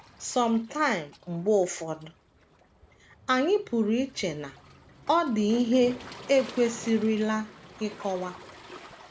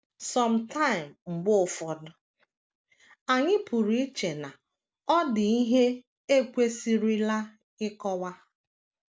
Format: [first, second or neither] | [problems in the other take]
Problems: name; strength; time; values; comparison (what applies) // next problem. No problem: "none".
second | background sound (Waves, surf); 19 dB below the speech